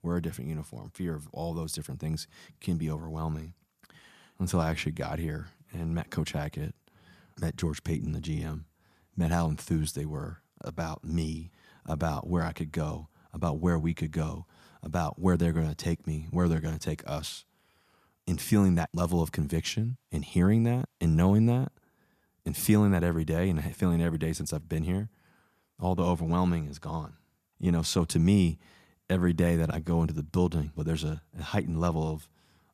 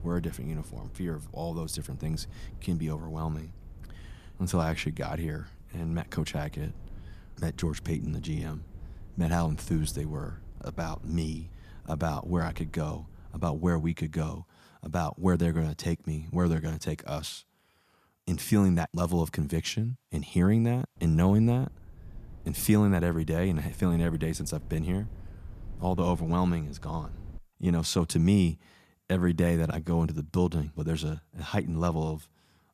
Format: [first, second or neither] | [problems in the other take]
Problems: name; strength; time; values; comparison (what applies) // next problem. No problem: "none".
first | wind noise on the microphone; occasional gusts; until 14 s and from 21 to 27 s; 25 dB below the speech